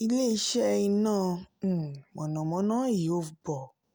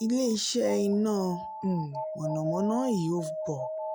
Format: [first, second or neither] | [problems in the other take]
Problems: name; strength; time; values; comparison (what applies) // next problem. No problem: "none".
first | noise reduction (classical method log-MMSE)